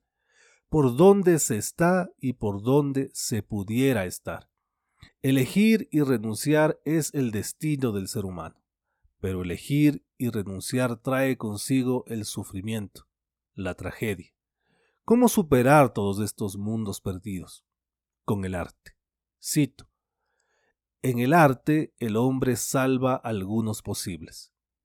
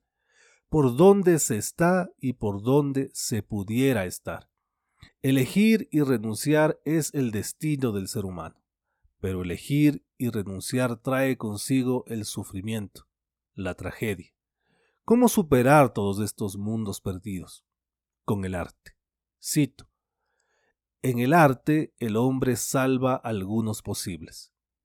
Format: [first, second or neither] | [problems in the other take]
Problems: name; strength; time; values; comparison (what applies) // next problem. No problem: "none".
neither | none